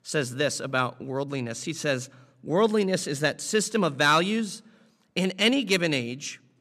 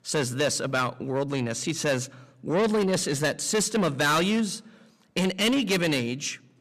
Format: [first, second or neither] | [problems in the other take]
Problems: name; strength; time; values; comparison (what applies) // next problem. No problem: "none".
first | distortion; heavy; 8 dB below the speech